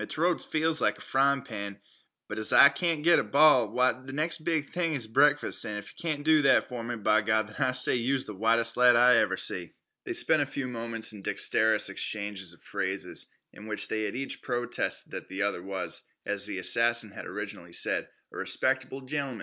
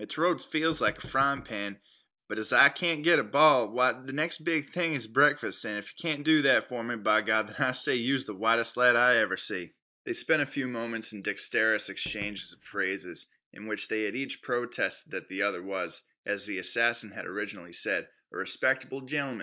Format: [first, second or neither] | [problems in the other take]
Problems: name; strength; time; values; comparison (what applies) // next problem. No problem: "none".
first | noise reduction (neural mask model DeepFilterNet 3)